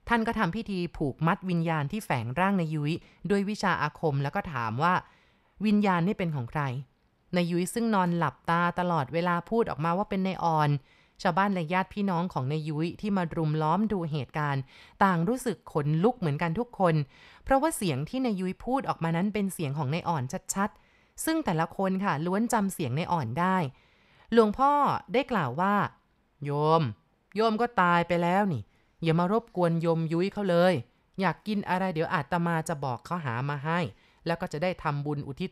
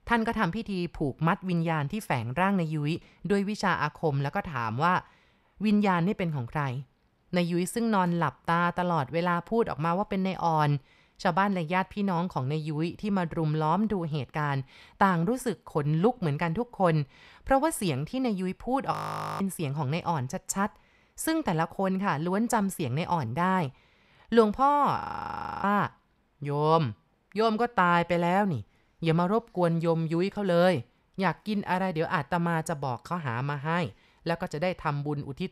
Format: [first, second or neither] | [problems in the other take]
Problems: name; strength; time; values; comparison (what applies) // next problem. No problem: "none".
first | audio freezing; at 19 s and at 25 s for 0.5 s